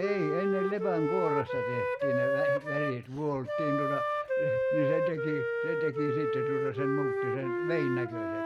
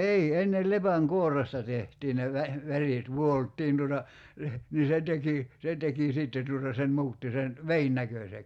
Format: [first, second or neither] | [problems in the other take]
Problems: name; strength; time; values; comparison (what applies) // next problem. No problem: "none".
second | background sound (Wind instrument, woodwind instrument); 3 dB above the speech